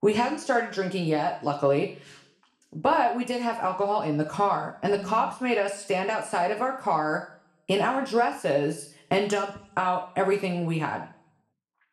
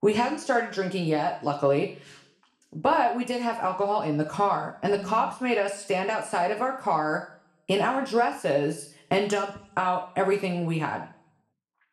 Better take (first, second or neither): neither